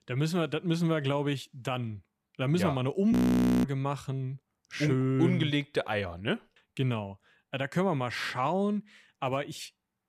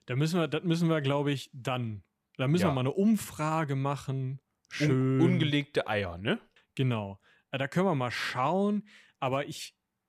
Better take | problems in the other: second | audio freezing; at 3 s for 0.5 s

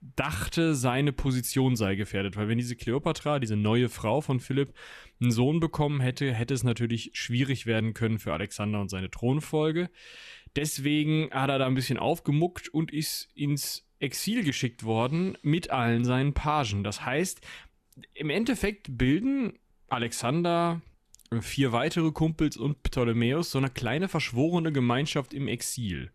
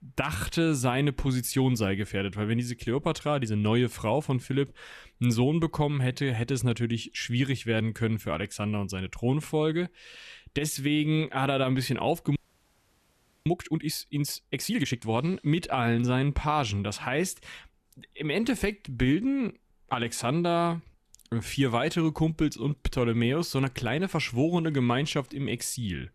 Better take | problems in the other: first | audio freezing; at 12 s for 1 s

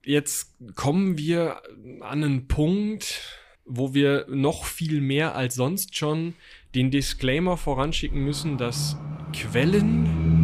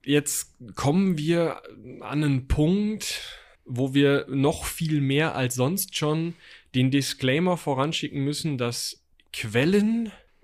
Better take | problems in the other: second | animal sounds; loud; from 7 s on; 5 dB below the speech

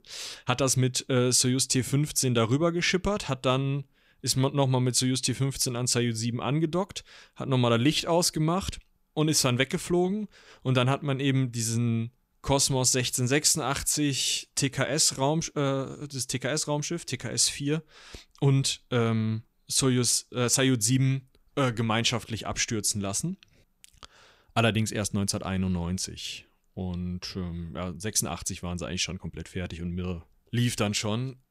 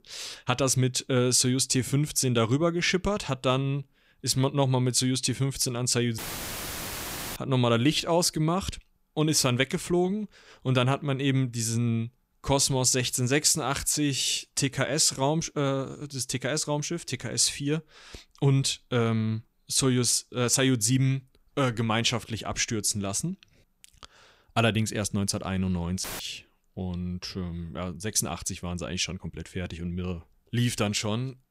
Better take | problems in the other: first | audio cutting out; filled with static; at 6 s for 1 s and at 26 s

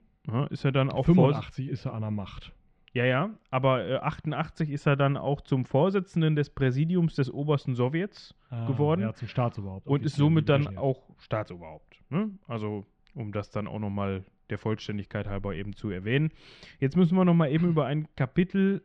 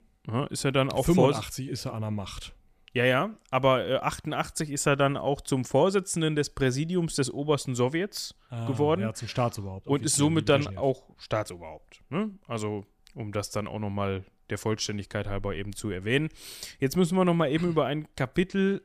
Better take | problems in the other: second | muffled; slightly; fading above 3 kHz

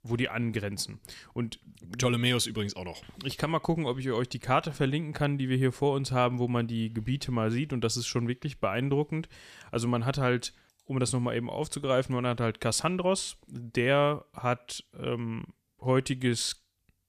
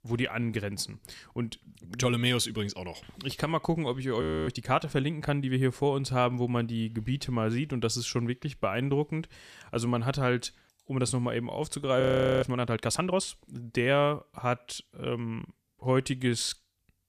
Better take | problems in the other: first | audio freezing; at 4 s and at 12 s

